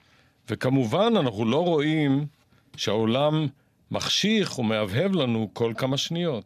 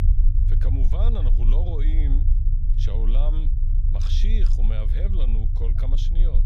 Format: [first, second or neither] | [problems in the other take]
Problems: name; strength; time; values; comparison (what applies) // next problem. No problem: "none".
first | low rumble; loud; throughout; 4 dB below the speech